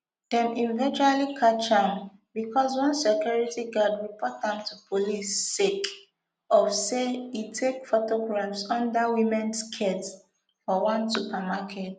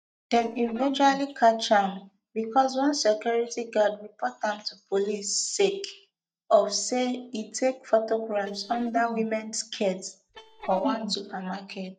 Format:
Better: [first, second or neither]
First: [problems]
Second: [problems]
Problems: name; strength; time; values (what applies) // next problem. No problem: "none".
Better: first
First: none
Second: noise reduction (neural mask model DeepFilterNet 3)